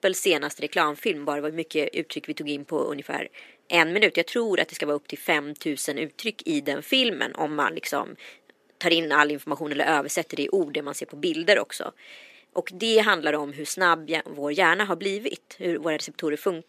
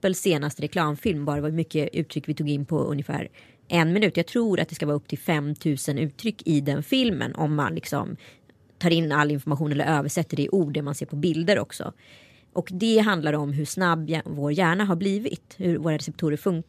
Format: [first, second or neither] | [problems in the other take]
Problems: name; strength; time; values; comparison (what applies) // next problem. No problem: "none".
second | thin; somewhat; fading below 350 Hz